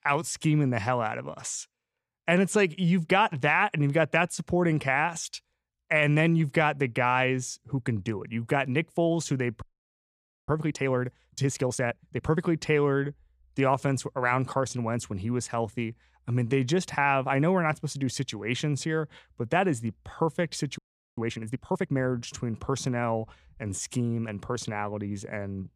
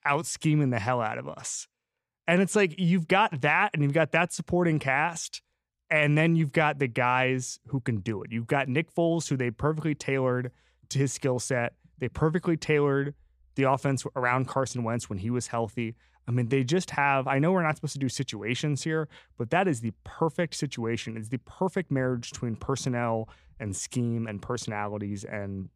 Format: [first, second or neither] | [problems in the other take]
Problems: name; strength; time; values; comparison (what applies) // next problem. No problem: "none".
second | audio freezing; at 9.5 s for 1 s and at 21 s